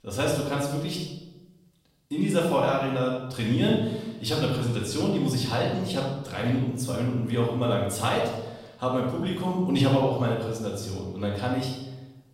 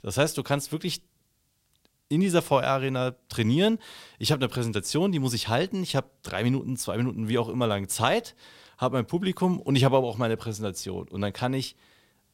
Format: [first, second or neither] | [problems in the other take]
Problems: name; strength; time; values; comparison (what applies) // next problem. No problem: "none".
second | off-mic speech; far // room echo; noticeable; dies away in 0.9 s